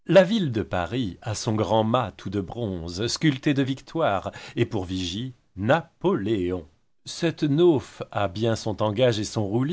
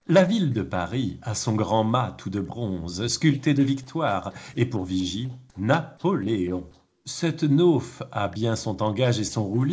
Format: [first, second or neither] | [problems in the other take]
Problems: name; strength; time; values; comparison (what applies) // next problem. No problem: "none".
first | noise reduction (neural separator model SepFormer DNS4)